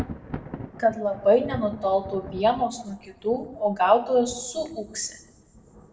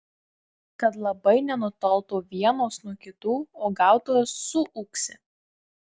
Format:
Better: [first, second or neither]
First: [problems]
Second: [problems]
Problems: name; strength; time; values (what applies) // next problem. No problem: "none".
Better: second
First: background sound (Thunder); 15 dB below the speech // room echo; dies away in 0.6 s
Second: none